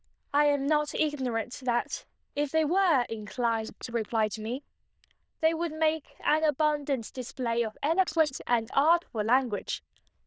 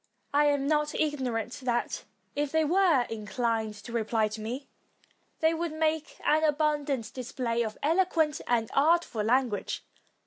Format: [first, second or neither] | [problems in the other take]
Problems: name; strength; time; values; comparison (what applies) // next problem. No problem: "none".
second | noise reduction (neural diffusion model UNIVERSE++)